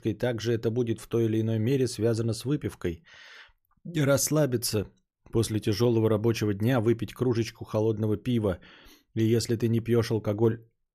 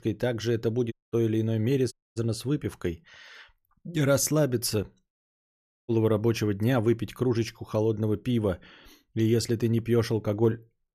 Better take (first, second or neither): first